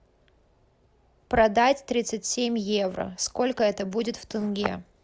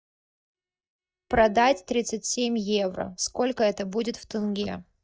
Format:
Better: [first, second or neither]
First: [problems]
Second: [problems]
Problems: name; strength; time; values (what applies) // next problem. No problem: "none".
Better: first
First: none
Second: noise reduction (neural mask model DeepFilterNet 3)